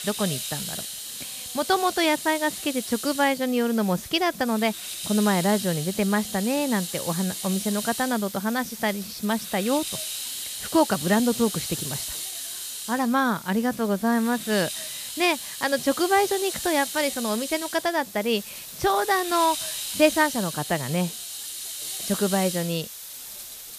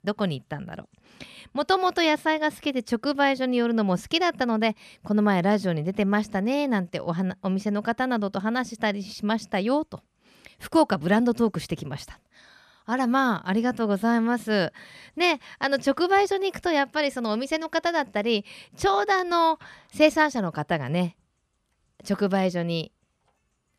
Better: second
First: hiss; loud; throughout; 7 dB below the speech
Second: none

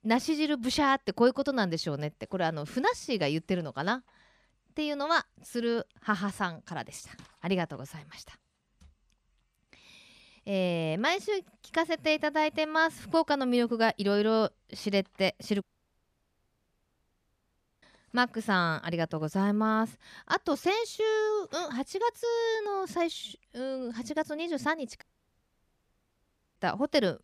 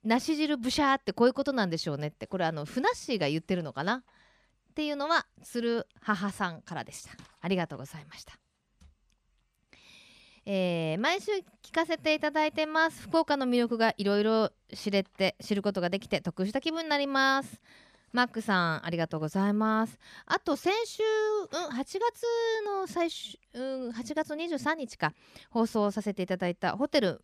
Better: second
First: audio cutting out; at 16 s for 2 s and at 25 s for 1.5 s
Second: none

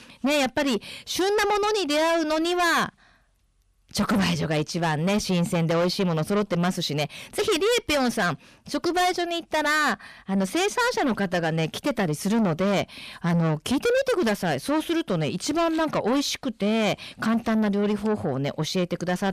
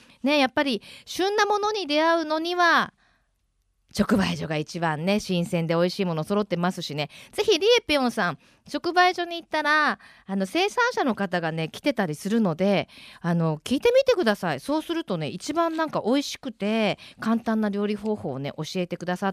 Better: second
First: distortion; heavy; 6 dB below the speech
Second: none

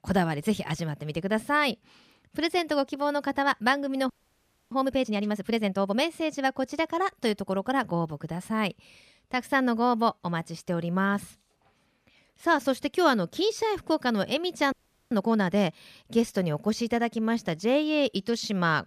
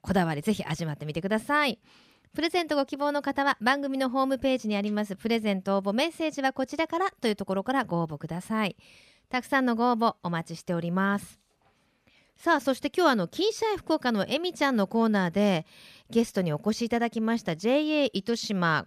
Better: second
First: audio freezing; at 4 s for 0.5 s and at 15 s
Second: none

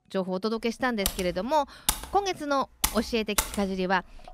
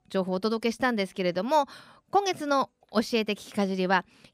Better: second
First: keyboard typing; loud; from 1 to 3.5 s; peak level with the speech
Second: none

